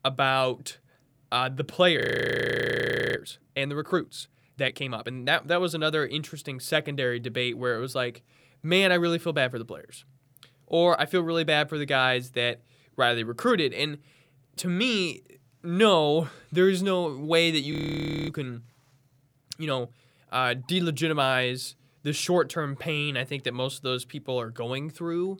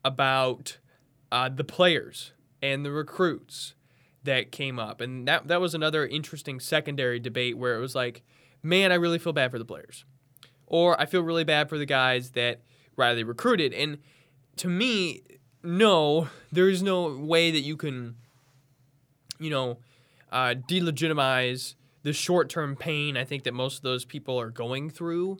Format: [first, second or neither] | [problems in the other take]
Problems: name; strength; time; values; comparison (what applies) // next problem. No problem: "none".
second | audio freezing; at 2 s for 1 s and at 18 s for 0.5 s